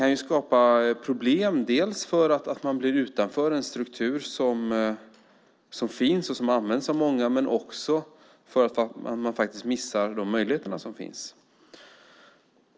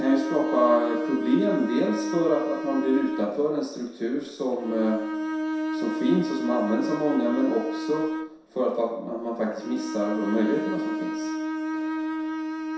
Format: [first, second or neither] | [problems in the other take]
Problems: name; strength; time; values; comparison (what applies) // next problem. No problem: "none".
first | background sound (Bowed string instrument); 4 dB below the speech // room echo; dies away in 0.7 s